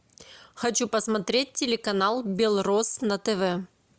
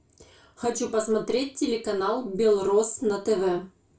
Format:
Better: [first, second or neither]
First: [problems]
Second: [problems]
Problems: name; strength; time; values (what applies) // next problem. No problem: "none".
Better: first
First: none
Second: room echo; dies away in 0.3 s